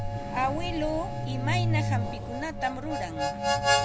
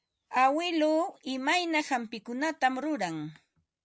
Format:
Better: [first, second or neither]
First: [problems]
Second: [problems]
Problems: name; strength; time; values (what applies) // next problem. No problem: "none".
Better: second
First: background sound (Truck + Harmonica); 5 dB above the speech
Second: none